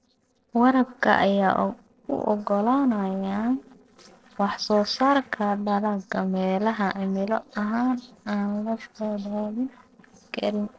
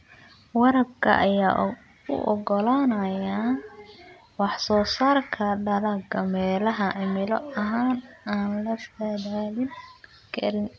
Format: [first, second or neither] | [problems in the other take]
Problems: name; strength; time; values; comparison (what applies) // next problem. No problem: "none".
second | noise reduction (neural separator model SepFormer DNS4)